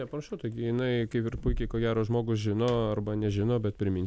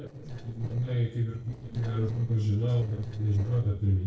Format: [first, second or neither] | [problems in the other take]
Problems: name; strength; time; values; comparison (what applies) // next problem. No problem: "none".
first | noise reduction (neural separator model SepFormer DNS4)